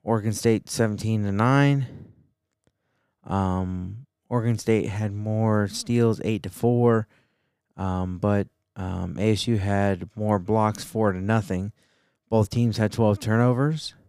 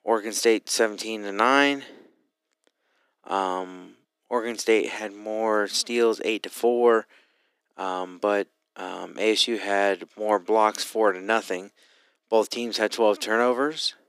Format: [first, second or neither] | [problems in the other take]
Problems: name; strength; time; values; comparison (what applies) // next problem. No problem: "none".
first | thin; very; fading below 300 Hz